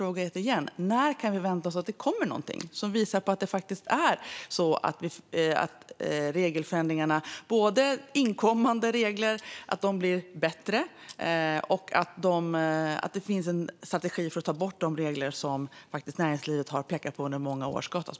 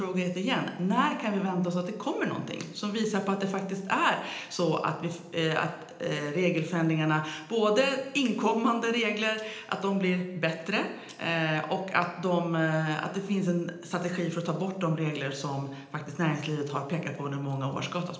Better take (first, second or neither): first